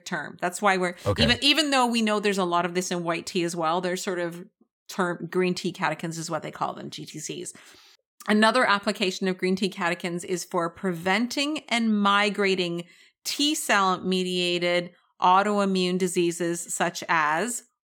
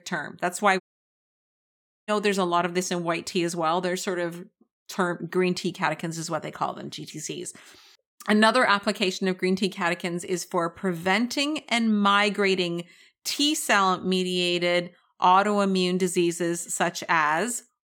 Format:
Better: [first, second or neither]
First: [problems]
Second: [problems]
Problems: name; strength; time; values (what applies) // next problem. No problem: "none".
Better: first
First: none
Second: audio cutting out; at 1 s for 1.5 s